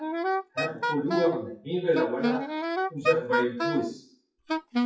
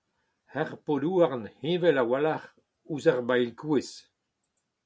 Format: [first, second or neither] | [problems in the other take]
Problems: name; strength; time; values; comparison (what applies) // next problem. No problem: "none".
second | noise reduction (classical method WPE with log-MMSE)